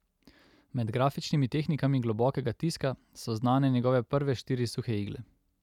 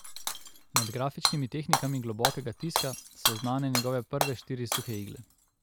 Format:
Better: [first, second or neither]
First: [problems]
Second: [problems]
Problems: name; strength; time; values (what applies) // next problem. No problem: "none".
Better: first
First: none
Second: background sound (Shatter / Hammer); as loud as the speech